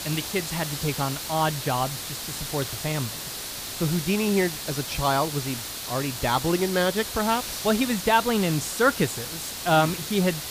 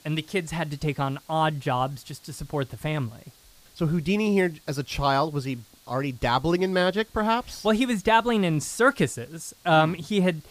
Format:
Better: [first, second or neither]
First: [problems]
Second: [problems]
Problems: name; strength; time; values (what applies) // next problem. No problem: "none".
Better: second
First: hiss; loud; throughout; 6 dB below the speech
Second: hiss; faint; throughout; 30 dB below the speech